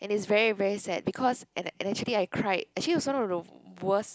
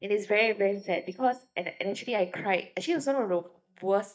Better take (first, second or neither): first